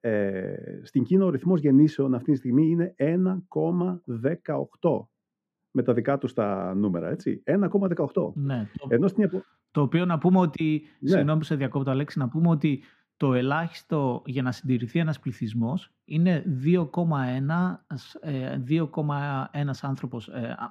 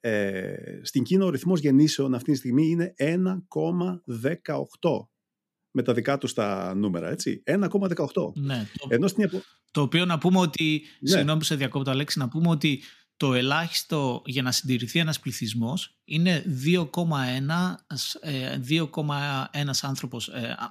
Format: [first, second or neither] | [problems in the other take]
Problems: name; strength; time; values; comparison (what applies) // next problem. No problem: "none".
second | muffled; very; fading above 2.5 kHz